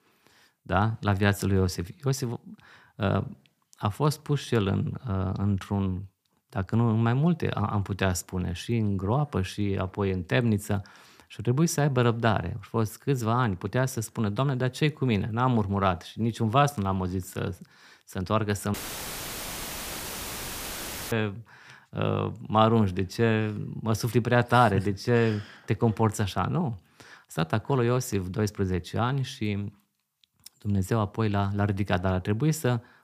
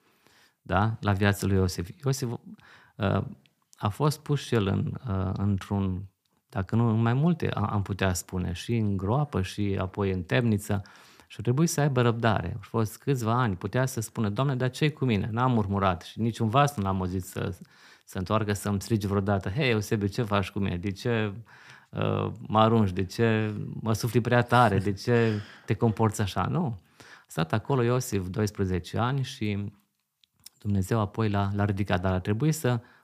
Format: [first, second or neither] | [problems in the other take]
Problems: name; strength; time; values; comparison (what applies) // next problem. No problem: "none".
second | audio cutting out; filled with static; at 19 s for 2.5 s